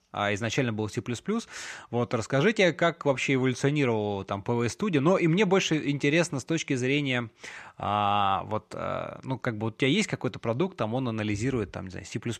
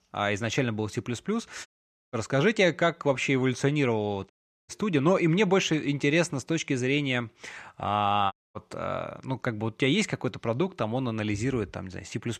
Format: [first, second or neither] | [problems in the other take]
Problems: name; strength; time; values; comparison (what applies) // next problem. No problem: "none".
first | audio cutting out; at 1.5 s, at 4.5 s and at 8.5 s